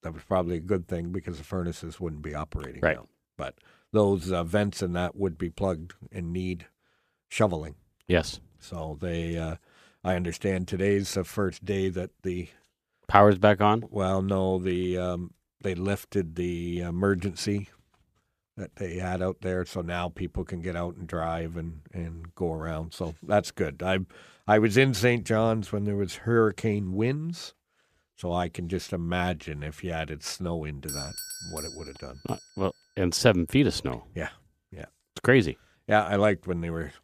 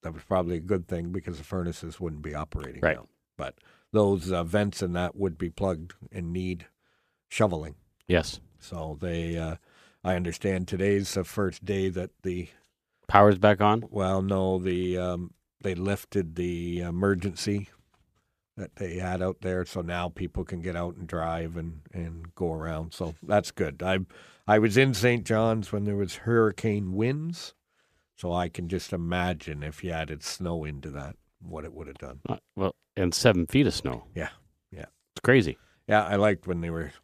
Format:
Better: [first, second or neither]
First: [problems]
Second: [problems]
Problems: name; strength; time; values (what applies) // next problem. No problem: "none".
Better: second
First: doorbell; noticeable; from 31 to 32 s; peak 7 dB below the speech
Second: none